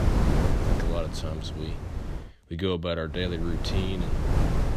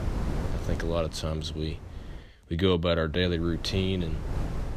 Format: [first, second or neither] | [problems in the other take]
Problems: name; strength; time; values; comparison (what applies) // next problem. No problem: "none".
second | wind noise on the microphone; heavy; until 2 s and from 3 s on; 2 dB below the speech; occasional gusts in the second